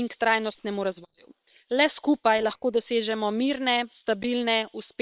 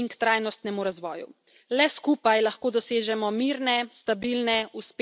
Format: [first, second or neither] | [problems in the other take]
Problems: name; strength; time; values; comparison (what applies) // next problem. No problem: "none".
second | noise reduction (neural separator model SepFormer WHAM!)